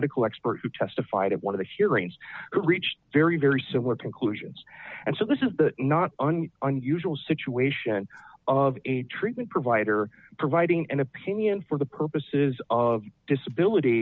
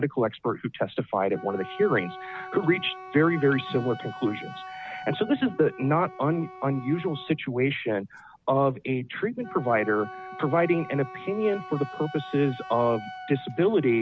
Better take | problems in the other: first | background sound (Wind instrument, woodwind instrument); 15 dB below the speech

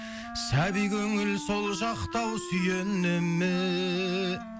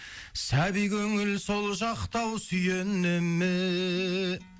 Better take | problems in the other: second | background sound (Wind instrument, woodwind instrument); 11 dB below the speech

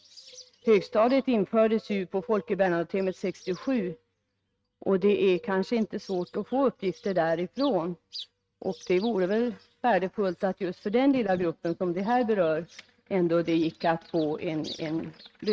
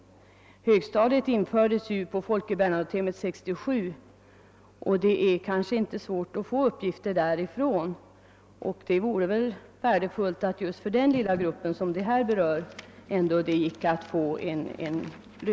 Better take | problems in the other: second | noise reduction (neural mask model RNNoise)

